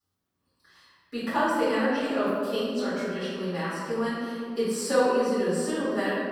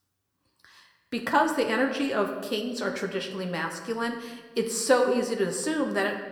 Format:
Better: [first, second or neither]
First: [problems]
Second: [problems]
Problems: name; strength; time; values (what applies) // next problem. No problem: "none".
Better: second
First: room echo; strong; dies away in 2.2 s // off-mic speech; far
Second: room echo; slight; dies away in 1 s